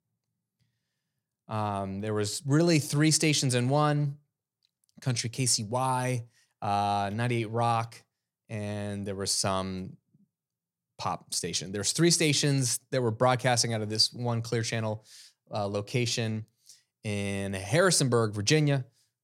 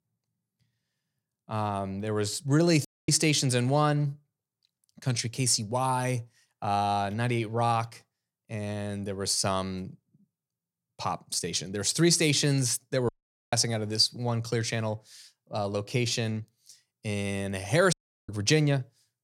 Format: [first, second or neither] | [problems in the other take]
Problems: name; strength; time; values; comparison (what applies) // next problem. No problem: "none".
first | audio cutting out; at 3 s, at 13 s and at 18 s